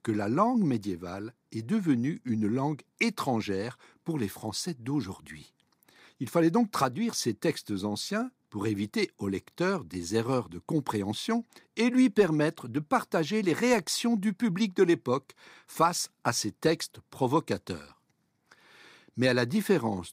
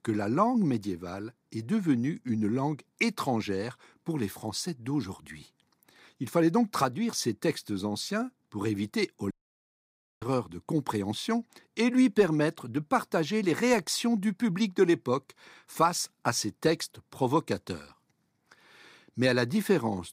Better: first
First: none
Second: audio cutting out; at 9.5 s for 1 s

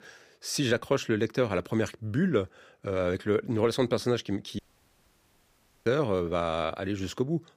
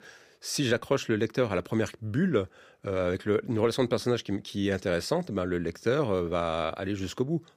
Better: second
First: audio cutting out; at 4.5 s for 1.5 s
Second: none

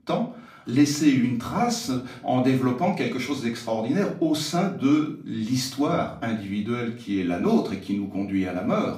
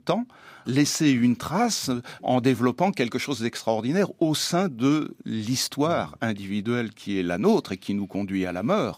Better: second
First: room echo; slight; dies away in 0.4 s // off-mic speech; far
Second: none

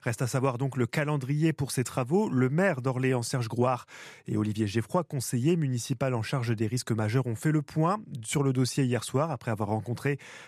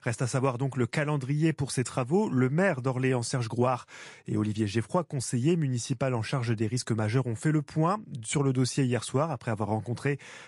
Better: first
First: none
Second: garbled, watery; slightly; nothing above 11 kHz

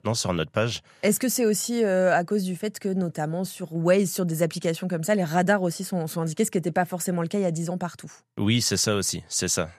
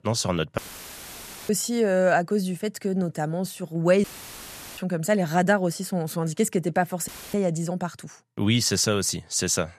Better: first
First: none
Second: audio cutting out; filled with static; at 0.5 s for 1 s, at 4 s for 0.5 s and at 7 s

